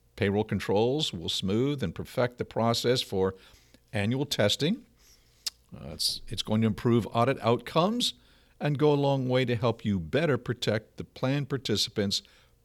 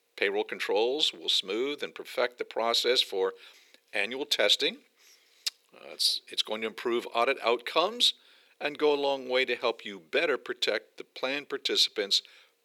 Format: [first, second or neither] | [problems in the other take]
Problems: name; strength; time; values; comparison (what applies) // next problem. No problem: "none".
first | thin; very; fading below 350 Hz